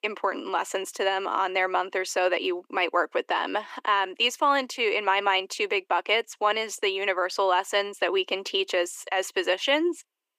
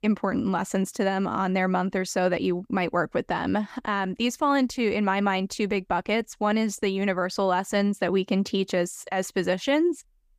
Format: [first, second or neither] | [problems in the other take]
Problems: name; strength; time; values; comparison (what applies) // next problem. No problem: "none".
second | thin; very; fading below 350 Hz